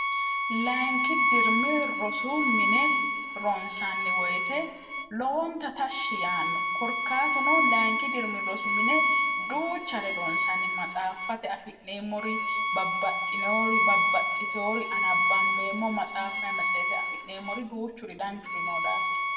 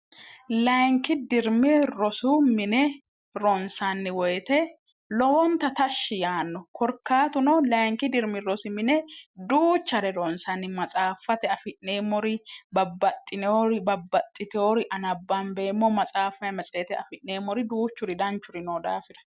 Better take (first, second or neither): second